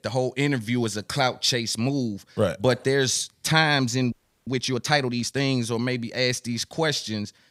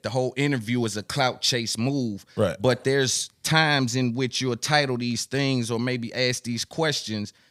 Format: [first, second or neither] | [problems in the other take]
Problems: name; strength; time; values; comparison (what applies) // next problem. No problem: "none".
second | audio freezing; at 4 s